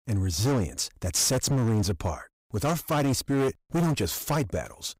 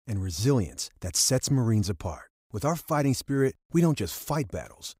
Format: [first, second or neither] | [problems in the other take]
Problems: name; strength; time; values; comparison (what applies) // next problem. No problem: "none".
second | distortion; heavy; 17% of the sound clipped